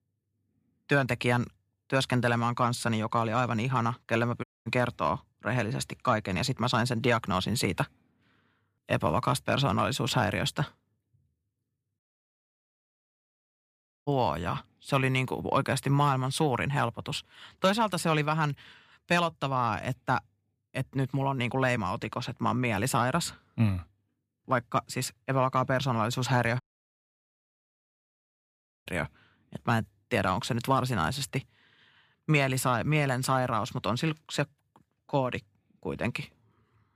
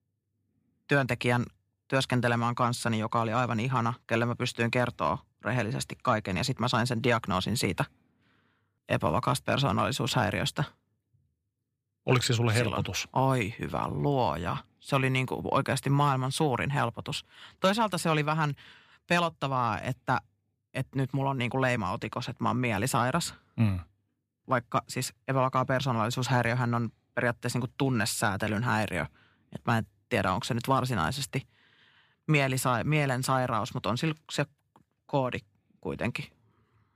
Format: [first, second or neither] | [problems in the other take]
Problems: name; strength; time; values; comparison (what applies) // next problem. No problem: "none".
second | audio cutting out; at 4.5 s, at 12 s for 2 s and at 27 s for 2.5 s